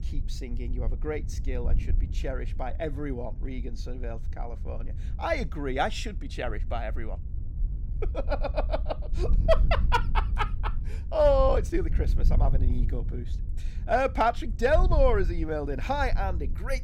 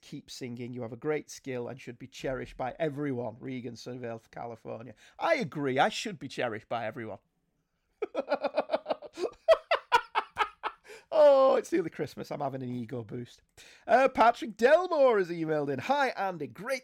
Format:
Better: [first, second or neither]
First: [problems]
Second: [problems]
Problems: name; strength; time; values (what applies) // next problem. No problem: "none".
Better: second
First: wind noise on the microphone; occasional gusts; 20 dB below the speech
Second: none